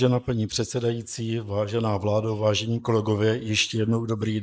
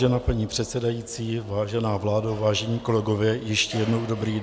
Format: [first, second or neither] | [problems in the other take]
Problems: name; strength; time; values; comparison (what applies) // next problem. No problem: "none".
second | noise reduction (neural mask model Resemble Enhance denoiser)